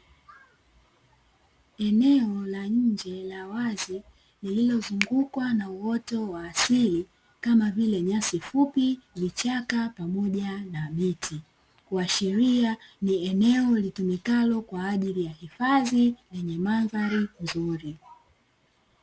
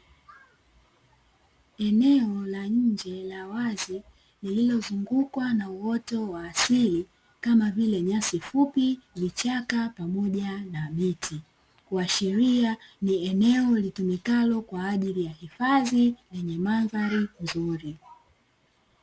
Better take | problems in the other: second | background sound (Finger snapping); 14 dB below the speech

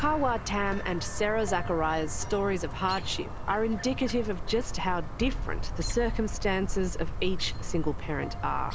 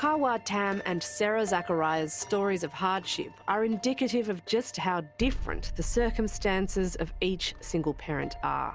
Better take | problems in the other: second | background sound (Chirp, tweet); 3 dB below the speech

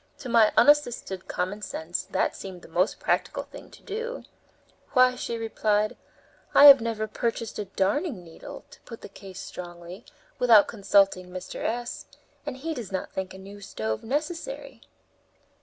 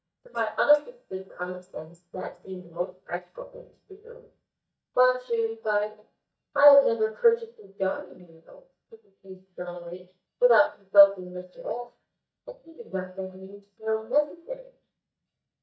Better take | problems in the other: first | noise reduction (neural mask model DeepFilterNet 3)

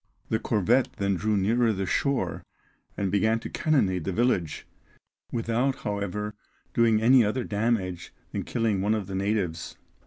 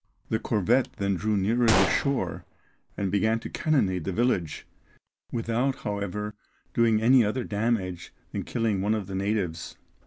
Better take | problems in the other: first | background sound (Gunshot, gunfire); 6 dB below the speech

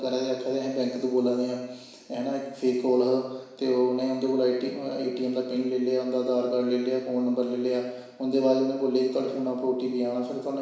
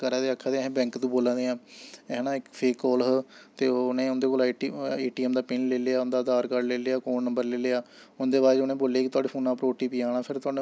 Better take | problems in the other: second | room echo; dies away in 1 s

